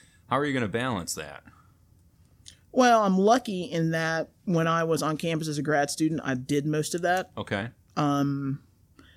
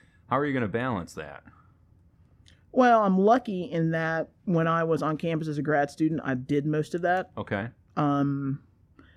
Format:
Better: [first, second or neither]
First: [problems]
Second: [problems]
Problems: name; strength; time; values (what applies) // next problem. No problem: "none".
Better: first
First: none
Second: muffled; slightly; fading above 3.5 kHz